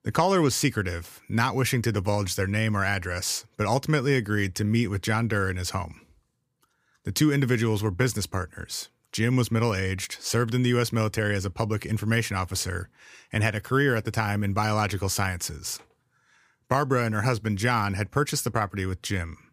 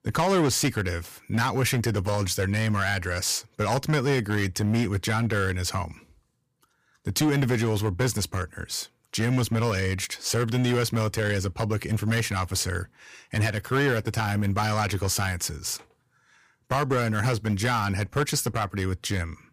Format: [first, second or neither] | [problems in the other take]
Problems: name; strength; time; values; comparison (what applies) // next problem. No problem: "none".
first | distortion; slight; 6% of the sound clipped